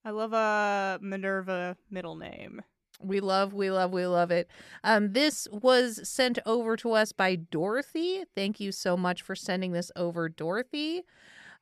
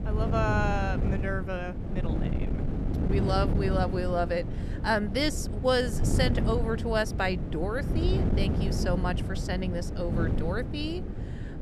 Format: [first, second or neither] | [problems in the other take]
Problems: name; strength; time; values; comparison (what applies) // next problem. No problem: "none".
first | wind noise on the microphone; heavy; 8 dB below the speech